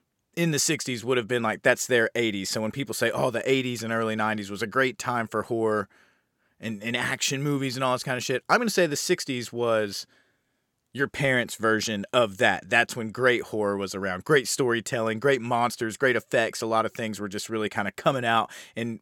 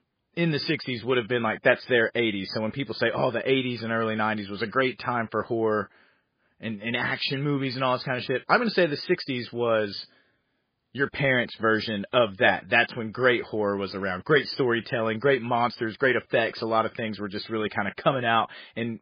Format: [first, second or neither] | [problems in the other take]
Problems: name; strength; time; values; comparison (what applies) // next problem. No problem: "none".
first | garbled, watery; badly